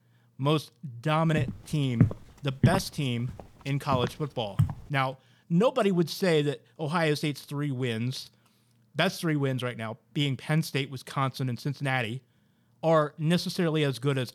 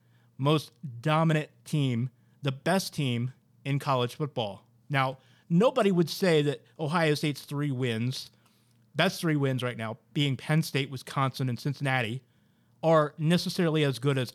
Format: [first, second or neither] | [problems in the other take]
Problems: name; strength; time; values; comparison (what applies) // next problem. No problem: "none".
second | footsteps; loud; from 1.5 to 4.5 s; peak 2 dB above the speech